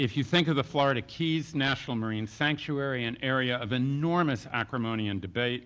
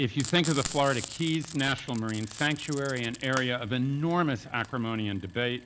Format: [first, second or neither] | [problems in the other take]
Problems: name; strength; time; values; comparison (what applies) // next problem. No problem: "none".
first | background sound (Frying (food)); 14 dB below the speech